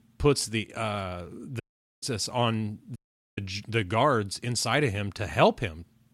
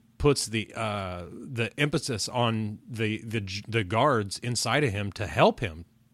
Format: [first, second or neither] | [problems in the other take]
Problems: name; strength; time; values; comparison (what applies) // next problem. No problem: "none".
second | audio cutting out; at 1.5 s and at 3 s